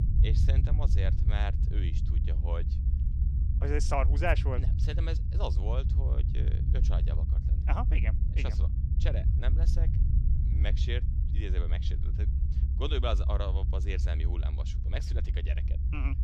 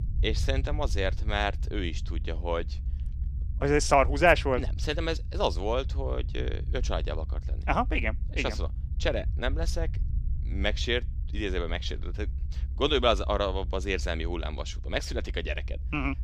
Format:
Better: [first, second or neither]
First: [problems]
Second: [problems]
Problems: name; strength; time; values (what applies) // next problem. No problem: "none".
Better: second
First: low rumble; loud; throughout; 7 dB below the speech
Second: low rumble; faint; throughout; 25 dB below the speech